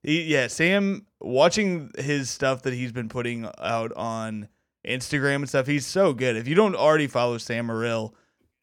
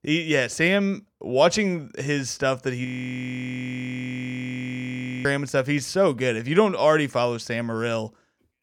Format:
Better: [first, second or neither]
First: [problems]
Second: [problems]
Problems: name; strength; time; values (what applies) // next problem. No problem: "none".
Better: first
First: none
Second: audio freezing; at 3 s for 2.5 s